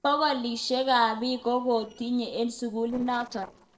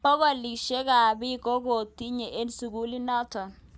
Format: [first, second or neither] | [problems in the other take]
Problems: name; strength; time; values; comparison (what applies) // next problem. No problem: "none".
second | noise reduction (neural separator model SepFormer DNS4)